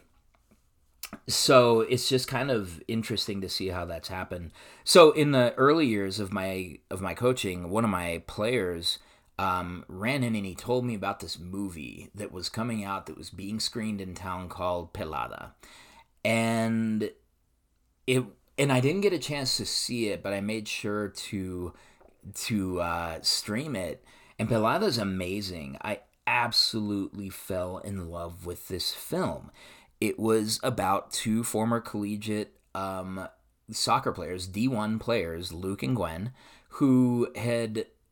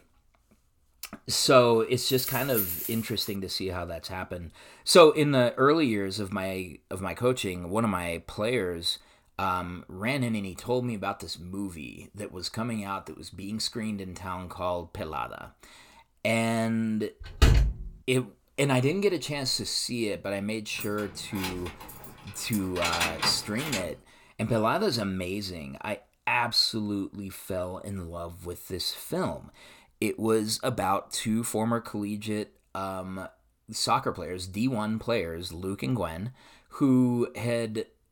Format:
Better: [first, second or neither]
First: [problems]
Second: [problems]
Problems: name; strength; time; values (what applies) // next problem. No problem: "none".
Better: first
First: none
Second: jangling keys; noticeable; from 2 to 3.5 s; peak level with the speech // door banging; loud; at 17 s; peak 6 dB above the speech // jangling keys; loud; from 21 to 24 s; peak 1 dB above the speech